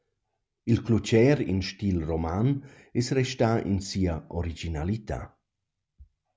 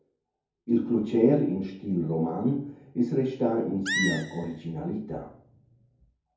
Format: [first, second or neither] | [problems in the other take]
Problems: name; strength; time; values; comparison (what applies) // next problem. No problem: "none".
first | background sound (Animal); 5 dB below the speech // room echo; dies away in 0.6 s